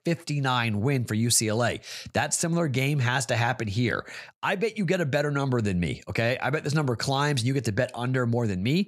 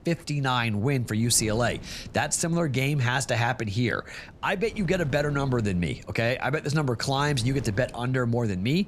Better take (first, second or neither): first